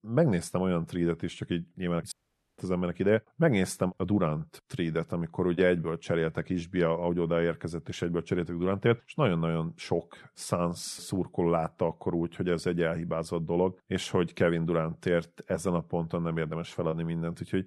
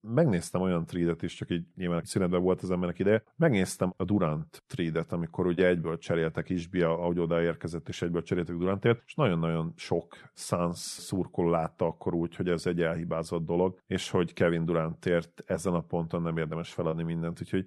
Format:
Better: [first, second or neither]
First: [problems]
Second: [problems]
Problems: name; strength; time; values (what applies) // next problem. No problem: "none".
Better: second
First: audio cutting out; at 2 s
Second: none